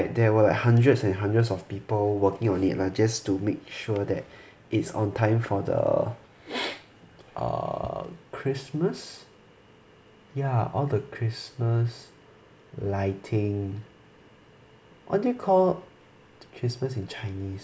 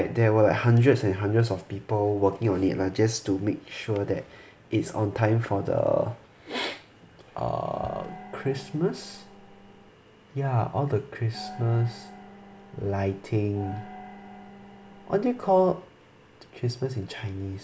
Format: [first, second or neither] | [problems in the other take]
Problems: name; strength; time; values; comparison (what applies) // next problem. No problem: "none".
first | background sound (Gong); 17 dB below the speech